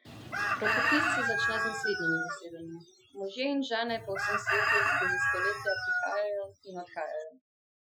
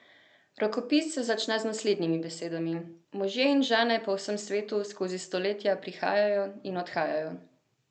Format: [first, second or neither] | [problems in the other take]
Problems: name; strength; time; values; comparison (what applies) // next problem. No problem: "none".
second | noise reduction (classical method Wiener filter)